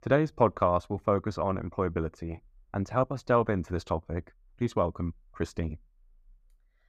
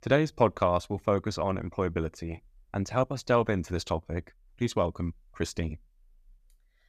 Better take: second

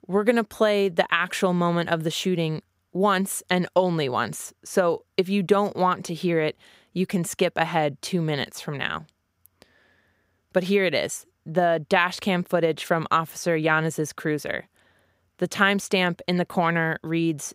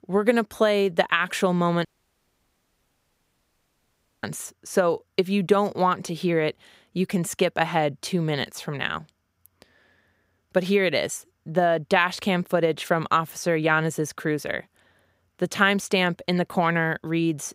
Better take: first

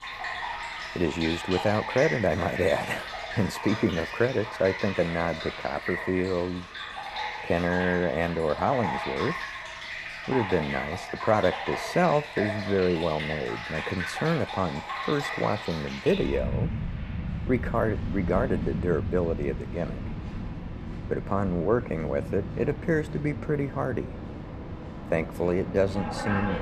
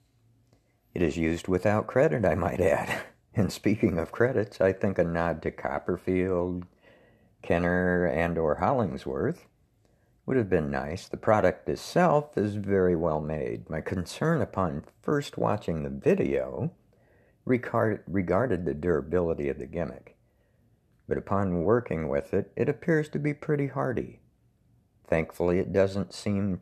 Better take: second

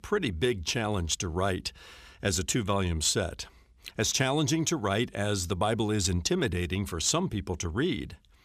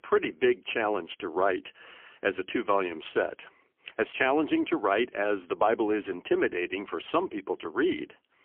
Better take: first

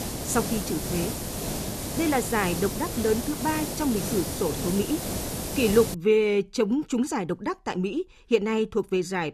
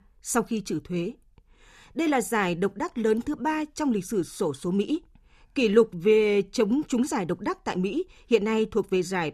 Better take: second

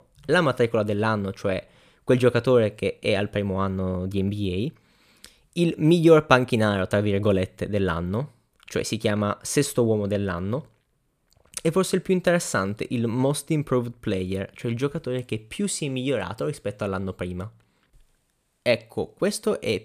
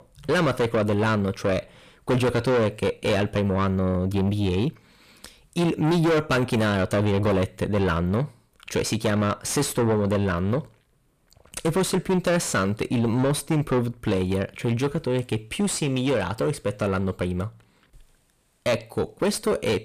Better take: first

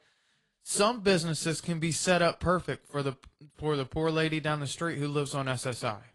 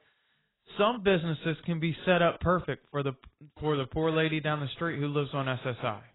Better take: first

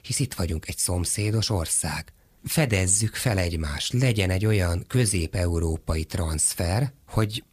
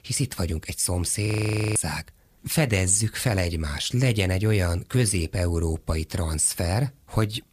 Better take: first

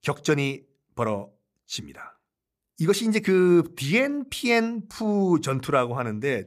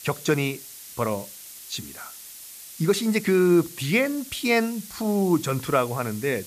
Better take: first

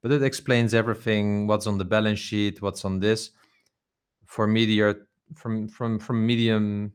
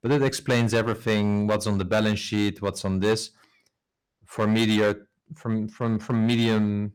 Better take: first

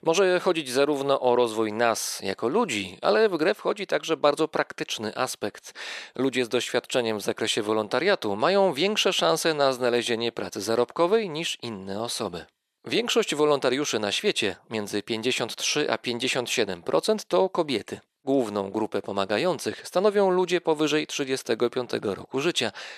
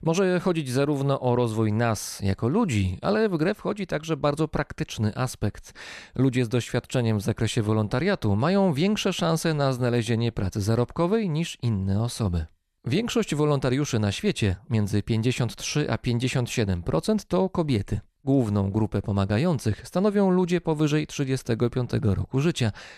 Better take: second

